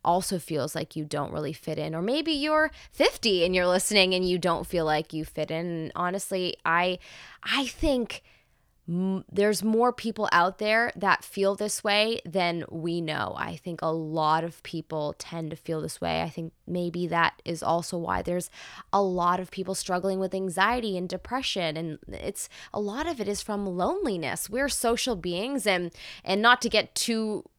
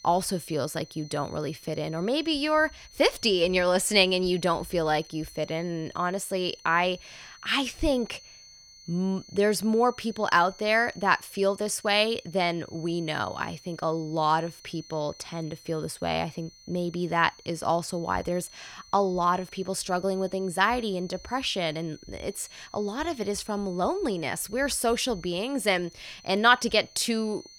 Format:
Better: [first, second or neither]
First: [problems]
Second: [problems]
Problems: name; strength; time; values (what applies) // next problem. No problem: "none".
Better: first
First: none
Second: high-pitched whine; faint; throughout; 4.5 kHz, 20 dB below the speech